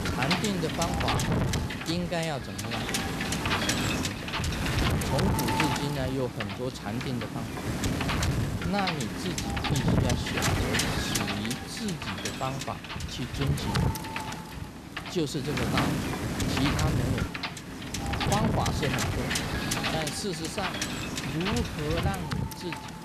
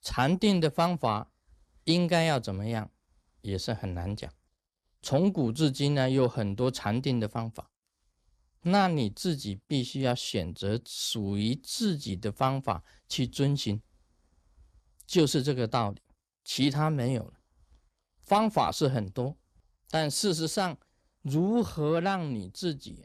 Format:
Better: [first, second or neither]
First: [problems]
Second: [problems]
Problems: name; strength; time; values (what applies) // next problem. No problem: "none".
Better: second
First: wind noise on the microphone; heavy; 4 dB above the speech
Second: none